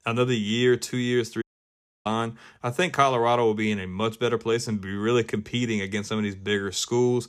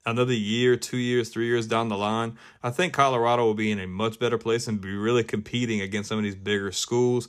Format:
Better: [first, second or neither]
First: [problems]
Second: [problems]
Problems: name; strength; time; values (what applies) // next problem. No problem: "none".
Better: second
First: audio cutting out; at 1.5 s for 0.5 s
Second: none